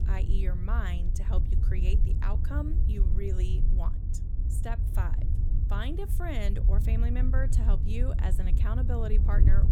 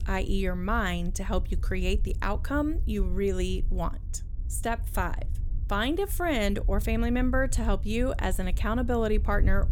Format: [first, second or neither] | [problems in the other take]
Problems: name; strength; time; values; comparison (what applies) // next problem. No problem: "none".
second | wind noise on the microphone; heavy; 5 dB below the speech; occasional gusts in the second